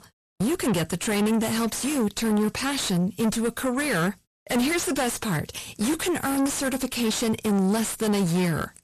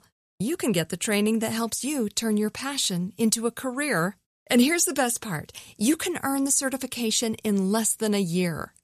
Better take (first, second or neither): second